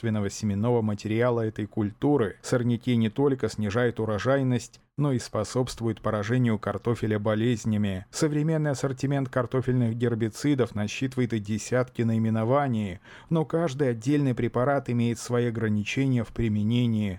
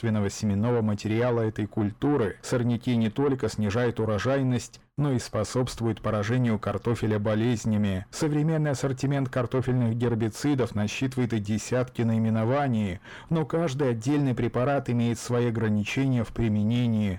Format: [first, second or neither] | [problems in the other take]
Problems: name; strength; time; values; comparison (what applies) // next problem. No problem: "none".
first | distortion; slight; 10 dB below the speech